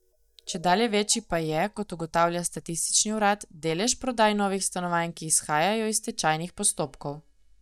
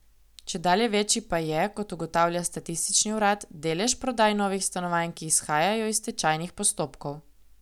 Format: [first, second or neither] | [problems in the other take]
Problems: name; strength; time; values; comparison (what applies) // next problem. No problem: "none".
second | noise reduction (neural mask model DeepFilterNet 3)